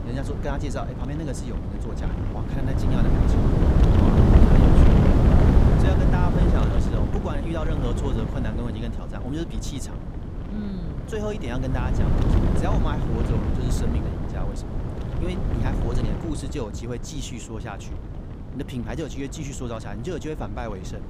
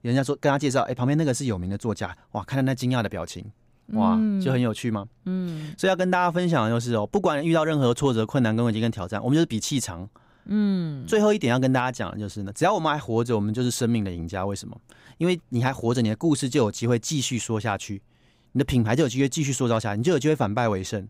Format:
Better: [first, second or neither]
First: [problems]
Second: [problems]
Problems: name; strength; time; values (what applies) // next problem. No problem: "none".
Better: second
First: wind noise on the microphone; heavy; 4 dB above the speech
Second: none